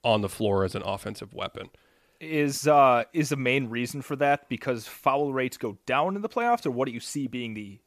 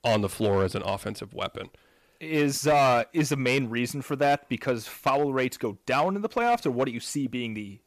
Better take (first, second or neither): first